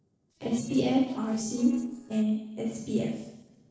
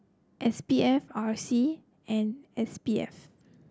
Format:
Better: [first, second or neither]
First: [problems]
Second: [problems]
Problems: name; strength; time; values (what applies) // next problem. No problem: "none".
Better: second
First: noise reduction (neural separator model SepFormer DNS4)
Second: none